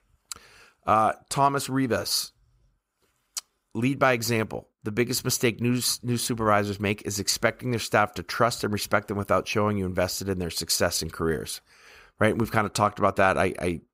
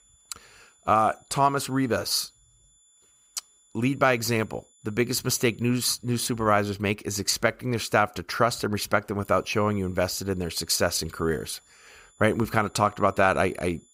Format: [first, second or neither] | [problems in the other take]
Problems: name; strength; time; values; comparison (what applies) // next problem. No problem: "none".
first | high-pitched whine; faint; until 6.5 s and from 9 s on; 7 kHz, 35 dB below the speech